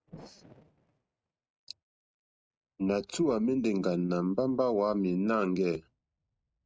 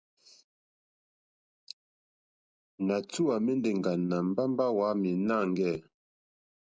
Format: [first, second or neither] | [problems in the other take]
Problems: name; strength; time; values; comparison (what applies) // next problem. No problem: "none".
second | noise reduction (neural mask model RNNoise)